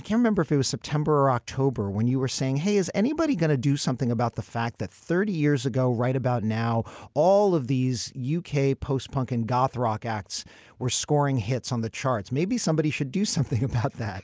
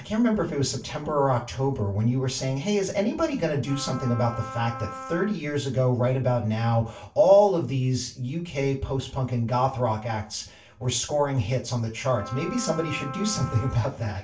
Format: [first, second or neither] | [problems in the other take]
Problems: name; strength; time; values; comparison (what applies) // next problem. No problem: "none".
first | background sound (Wind instrument, woodwind instrument); 13 dB below the speech // room echo; dies away in 0.3 s